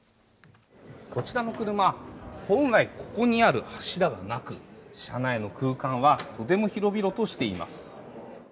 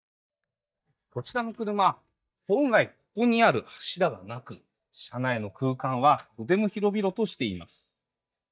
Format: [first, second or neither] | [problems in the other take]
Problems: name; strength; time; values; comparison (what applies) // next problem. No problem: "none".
first | noise reduction (neural mask model DeepFilterNet 3)